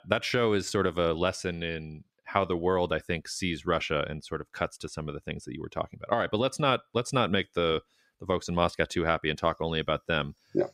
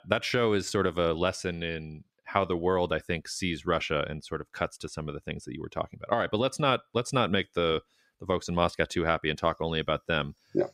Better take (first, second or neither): neither